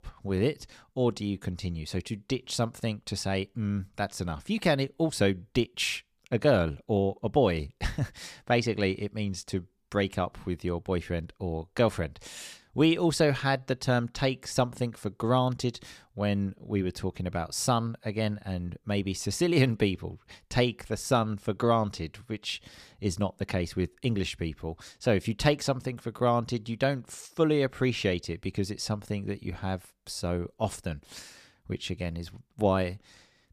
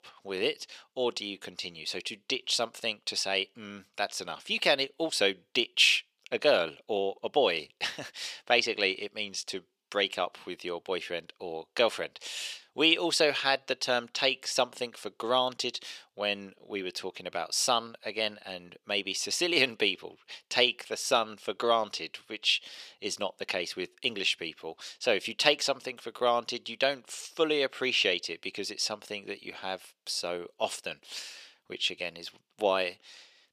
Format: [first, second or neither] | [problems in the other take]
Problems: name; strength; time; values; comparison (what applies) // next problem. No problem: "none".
first | thin; somewhat; fading below 500 Hz